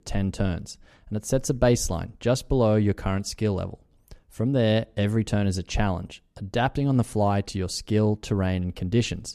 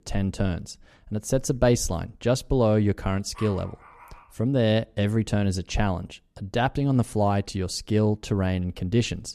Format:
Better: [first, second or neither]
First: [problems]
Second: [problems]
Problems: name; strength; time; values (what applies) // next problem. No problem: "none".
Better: first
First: none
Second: dog barking; faint; at 3.5 s; peak 15 dB below the speech